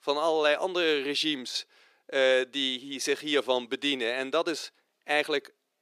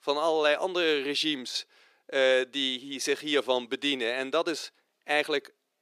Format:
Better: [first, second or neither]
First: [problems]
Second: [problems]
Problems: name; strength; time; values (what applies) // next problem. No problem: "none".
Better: neither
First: thin; somewhat; fading below 350 Hz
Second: thin; somewhat; fading below 350 Hz